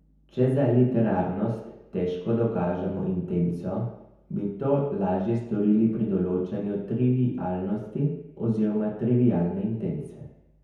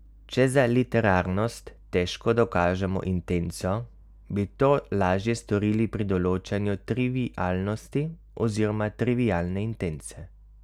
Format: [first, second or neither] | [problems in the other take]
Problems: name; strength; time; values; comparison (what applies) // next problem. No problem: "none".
second | room echo; dies away in 1 s